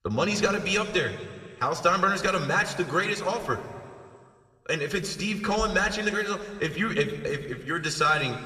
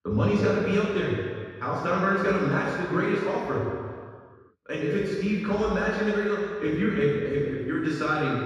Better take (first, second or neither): first